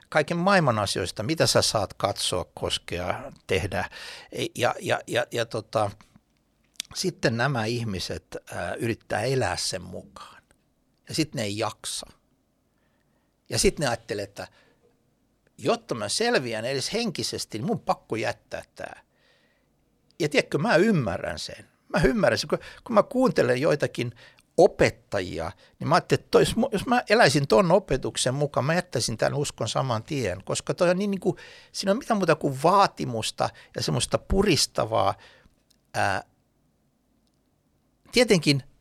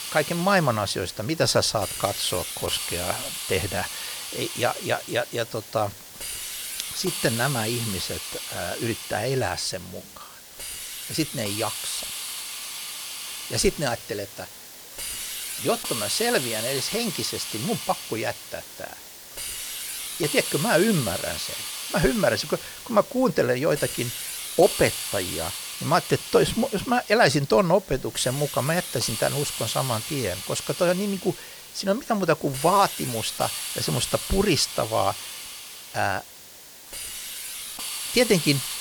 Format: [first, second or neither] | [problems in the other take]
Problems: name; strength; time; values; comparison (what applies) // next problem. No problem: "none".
first | hiss; loud; throughout; 6 dB below the speech